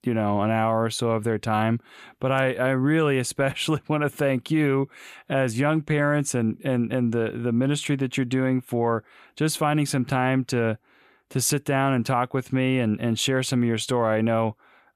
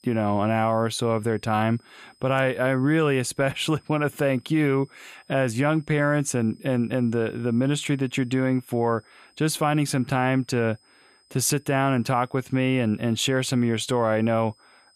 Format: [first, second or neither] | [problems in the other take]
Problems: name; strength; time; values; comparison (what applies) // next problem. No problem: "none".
first | high-pitched whine; faint; throughout; 5 kHz, 35 dB below the speech